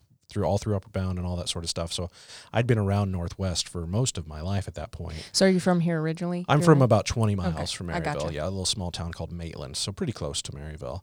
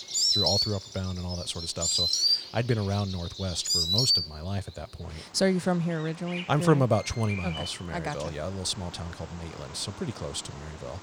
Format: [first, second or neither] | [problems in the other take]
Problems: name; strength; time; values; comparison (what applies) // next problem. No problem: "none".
first | animal sounds; very loud; throughout; 4 dB above the speech